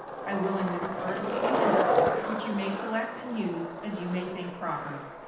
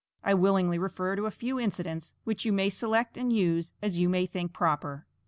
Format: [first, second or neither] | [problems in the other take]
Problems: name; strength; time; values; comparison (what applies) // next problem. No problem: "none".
second | background sound (Skateboard); 3 dB above the speech // room echo; dies away in 0.9 s